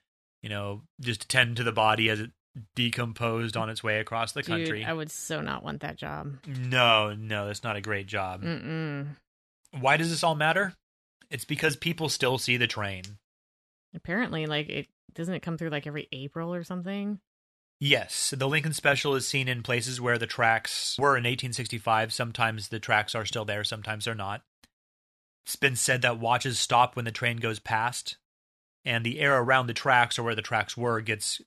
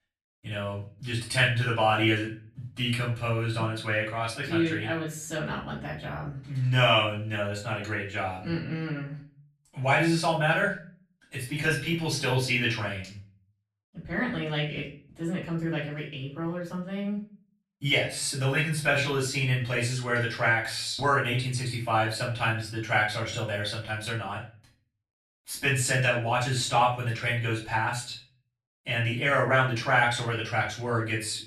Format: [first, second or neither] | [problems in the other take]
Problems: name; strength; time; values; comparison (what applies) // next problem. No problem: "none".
first | off-mic speech; far // room echo; slight; dies away in 0.4 s